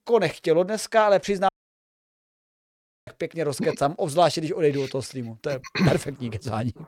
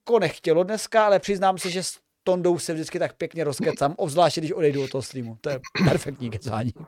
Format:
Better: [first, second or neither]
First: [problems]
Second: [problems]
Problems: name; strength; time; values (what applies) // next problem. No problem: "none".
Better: second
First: audio cutting out; at 1.5 s for 1.5 s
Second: none